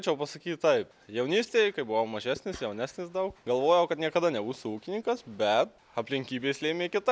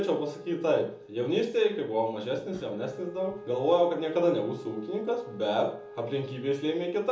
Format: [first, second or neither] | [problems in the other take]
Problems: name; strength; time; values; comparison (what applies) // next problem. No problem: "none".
first | background sound (Wind instrument, woodwind instrument); 17 dB below the speech // room echo; dies away in 1 s